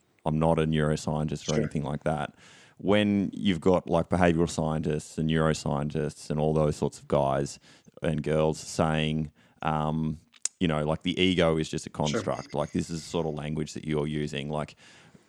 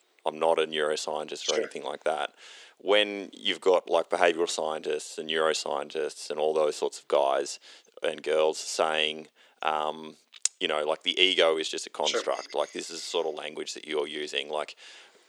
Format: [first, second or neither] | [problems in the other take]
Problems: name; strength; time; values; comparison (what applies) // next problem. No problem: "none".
first | thin; very; fading below 400 Hz